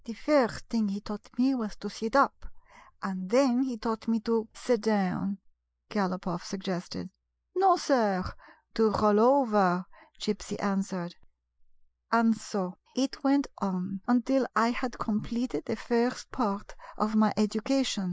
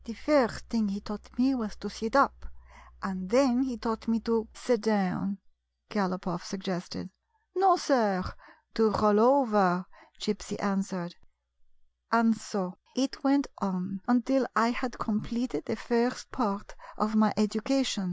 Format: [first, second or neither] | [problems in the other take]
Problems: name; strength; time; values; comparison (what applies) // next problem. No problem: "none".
second | noise reduction (neural mask model Resemble Enhance denoiser)